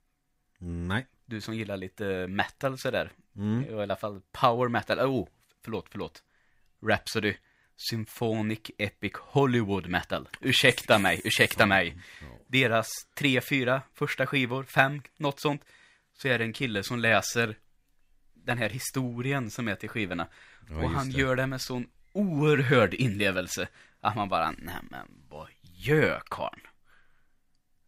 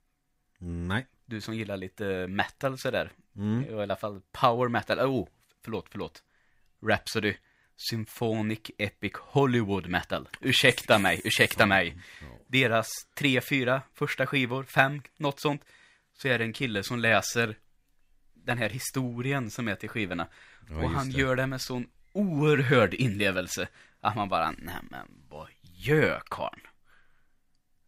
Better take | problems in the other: neither | none

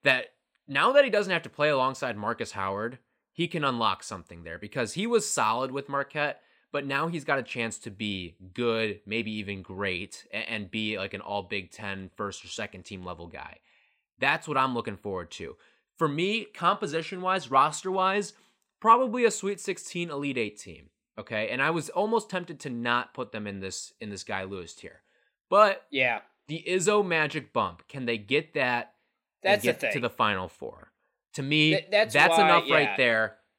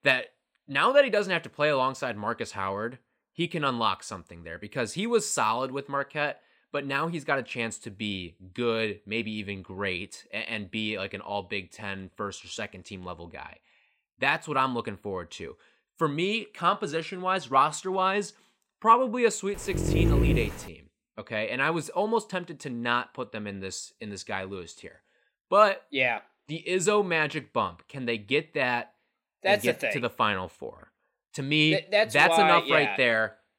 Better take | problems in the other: first | dog barking; loud; at 20 s; peak 4 dB above the speech

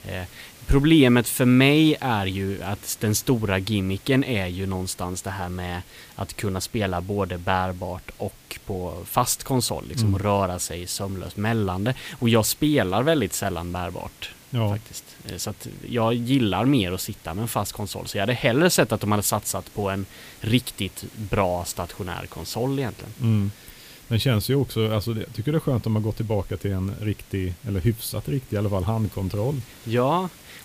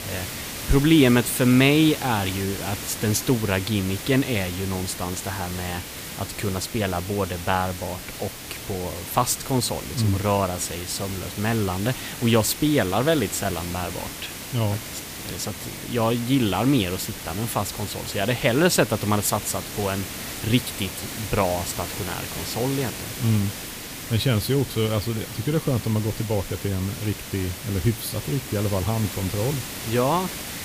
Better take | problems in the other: first | hiss; loud; throughout; 8 dB below the speech; faint in the first

